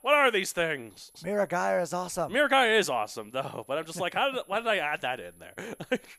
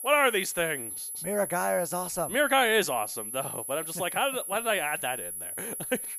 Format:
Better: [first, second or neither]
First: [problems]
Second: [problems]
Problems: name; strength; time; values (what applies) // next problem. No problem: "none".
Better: first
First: high-pitched whine; faint; throughout; 11 kHz, 30 dB below the speech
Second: high-pitched whine; loud; throughout; 11 kHz, 6 dB below the speech